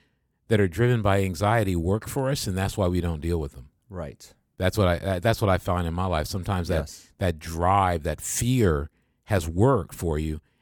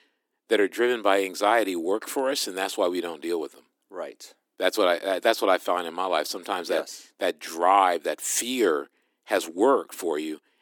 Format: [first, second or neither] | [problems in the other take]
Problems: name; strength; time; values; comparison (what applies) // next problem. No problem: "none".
first | thin; somewhat; fading below 300 Hz